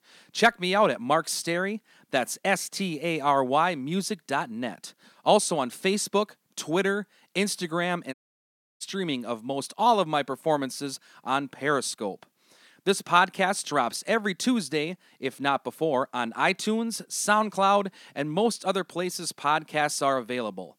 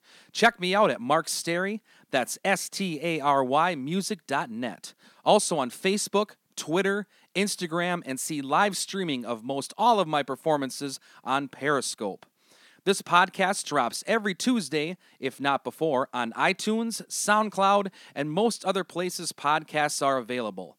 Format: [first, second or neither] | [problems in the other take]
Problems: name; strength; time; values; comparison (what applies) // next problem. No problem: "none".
second | audio cutting out; at 8 s for 0.5 s